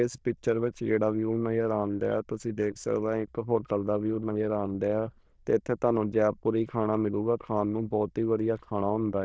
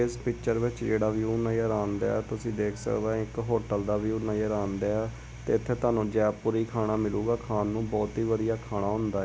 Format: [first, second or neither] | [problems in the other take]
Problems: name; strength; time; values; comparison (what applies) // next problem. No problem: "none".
second | noise reduction (neural diffusion model UNIVERSE++)